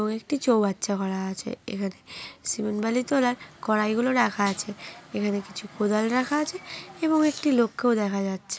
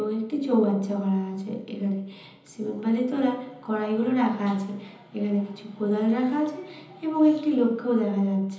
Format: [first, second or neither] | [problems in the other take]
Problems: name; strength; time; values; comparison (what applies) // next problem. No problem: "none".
first | room echo; dies away in 1.3 s